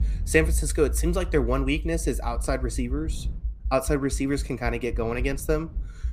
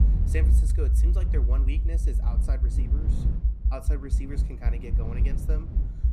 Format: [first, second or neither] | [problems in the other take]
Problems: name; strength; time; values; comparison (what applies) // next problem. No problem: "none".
first | low rumble; loud; throughout; 3 dB below the speech; faint in the first